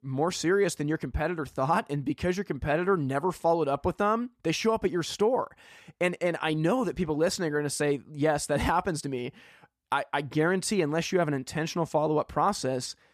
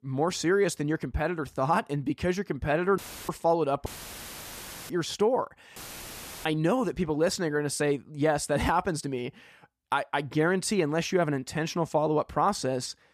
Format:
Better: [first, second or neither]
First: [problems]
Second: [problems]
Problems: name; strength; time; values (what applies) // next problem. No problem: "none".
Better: first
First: none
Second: audio cutting out; filled with static; at 3 s, at 4 s for 1 s and at 6 s for 0.5 s